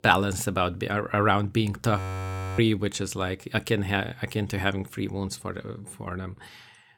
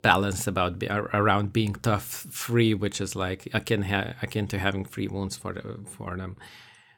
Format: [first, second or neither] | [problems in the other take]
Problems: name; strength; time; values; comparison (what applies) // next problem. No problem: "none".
second | audio freezing; at 2 s for 0.5 s